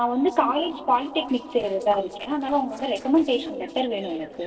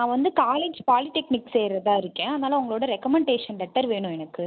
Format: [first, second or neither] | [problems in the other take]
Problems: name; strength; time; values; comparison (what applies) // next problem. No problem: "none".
second | noise reduction (neural separator model SepFormer DNS4)